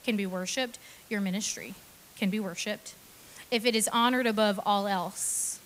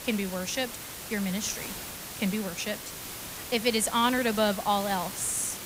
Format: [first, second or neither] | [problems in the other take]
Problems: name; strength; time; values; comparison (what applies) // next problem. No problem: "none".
first | hiss; loud; throughout; 8 dB below the speech; faint in the first